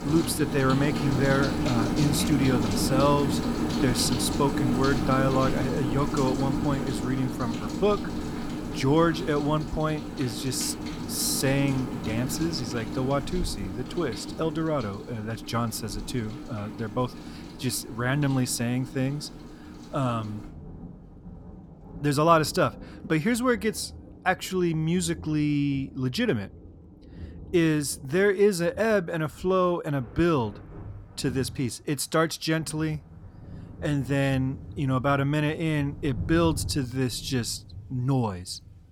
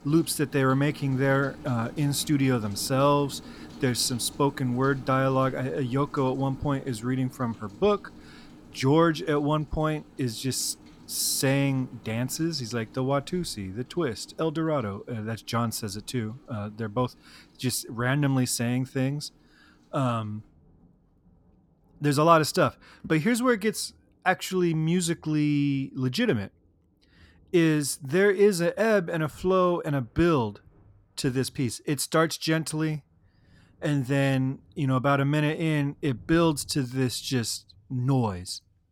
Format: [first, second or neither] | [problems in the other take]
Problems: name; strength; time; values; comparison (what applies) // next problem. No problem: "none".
second | rain or running water; loud; throughout; 6 dB below the speech; faint in the second